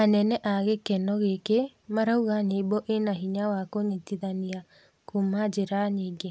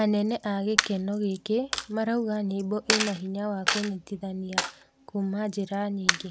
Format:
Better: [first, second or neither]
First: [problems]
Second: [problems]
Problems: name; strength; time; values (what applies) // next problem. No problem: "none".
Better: first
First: none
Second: background sound (Coin (dropping)); 4 dB below the speech